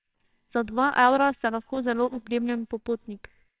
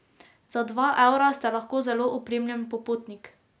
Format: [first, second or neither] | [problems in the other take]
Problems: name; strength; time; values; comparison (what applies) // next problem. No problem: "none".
second | noise reduction (neural separator model SepFormer WHAMR!)